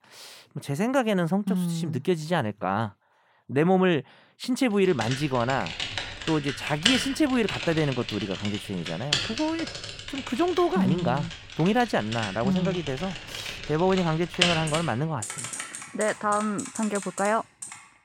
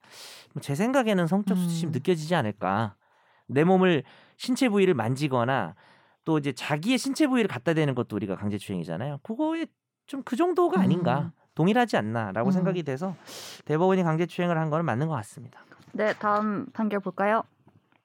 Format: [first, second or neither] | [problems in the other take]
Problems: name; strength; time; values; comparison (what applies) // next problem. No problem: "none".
second | household noises; loud; from 5 s on; 6 dB below the speech